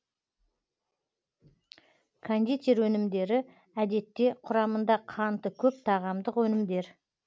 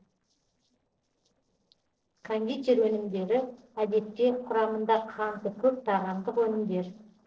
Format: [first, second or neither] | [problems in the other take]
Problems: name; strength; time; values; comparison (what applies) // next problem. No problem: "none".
first | noise reduction (neural separator model SepFormer DNS4)